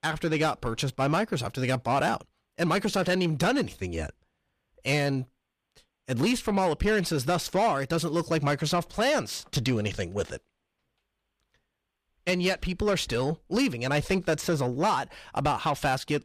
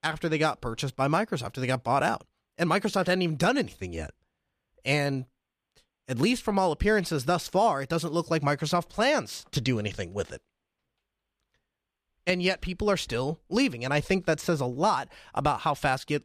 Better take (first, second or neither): second